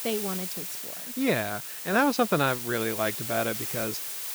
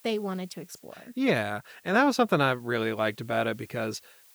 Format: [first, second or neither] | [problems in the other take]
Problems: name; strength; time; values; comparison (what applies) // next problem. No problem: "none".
second | hiss; loud; throughout; 5 dB below the speech; faint in the second